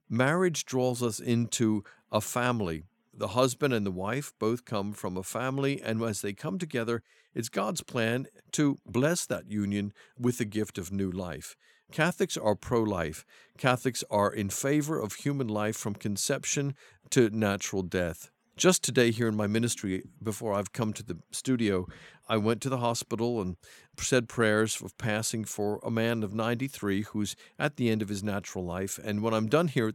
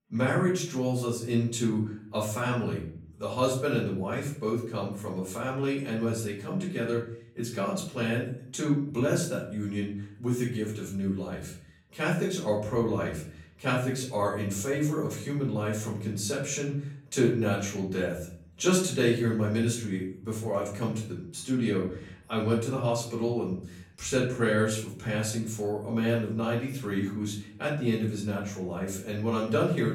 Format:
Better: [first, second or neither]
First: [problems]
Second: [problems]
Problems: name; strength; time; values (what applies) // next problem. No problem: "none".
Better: first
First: none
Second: off-mic speech; far // room echo; slight; dies away in 0.5 s